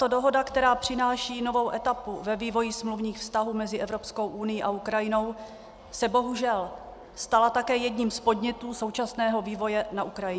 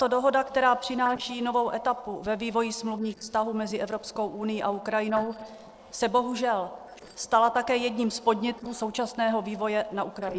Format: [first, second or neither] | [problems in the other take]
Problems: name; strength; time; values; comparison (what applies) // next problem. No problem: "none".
first | noise reduction (neural separator model SepFormer DNS4)